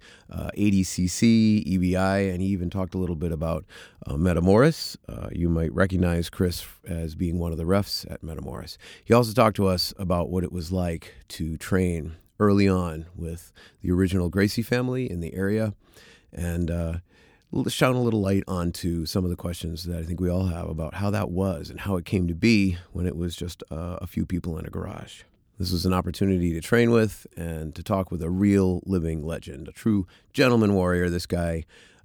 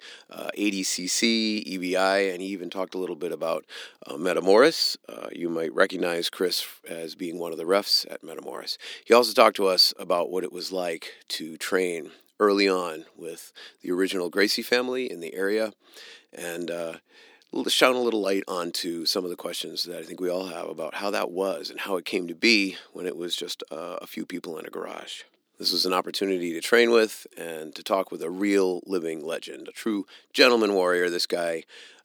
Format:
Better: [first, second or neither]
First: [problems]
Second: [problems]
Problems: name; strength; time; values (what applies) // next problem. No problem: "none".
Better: first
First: none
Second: thin; somewhat; fading below 300 Hz